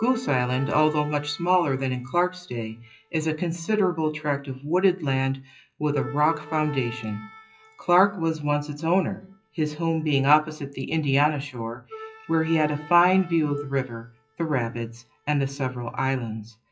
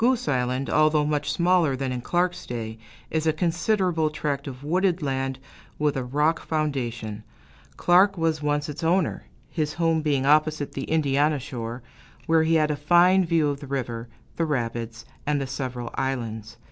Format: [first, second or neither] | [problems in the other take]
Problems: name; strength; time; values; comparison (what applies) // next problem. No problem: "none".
second | noise reduction (classical method WPE with log-MMSE)